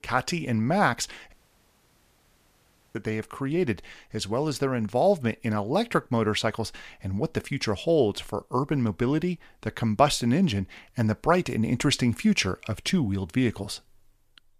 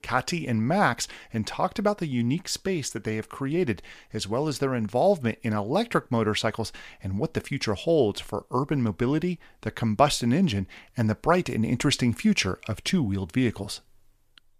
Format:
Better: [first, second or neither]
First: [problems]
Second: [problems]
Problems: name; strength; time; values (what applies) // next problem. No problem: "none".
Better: second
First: audio cutting out; at 1.5 s for 1.5 s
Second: none